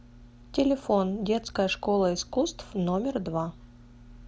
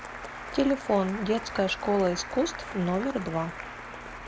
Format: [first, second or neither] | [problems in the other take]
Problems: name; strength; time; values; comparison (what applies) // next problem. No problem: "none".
first | background sound (Applause); 11 dB below the speech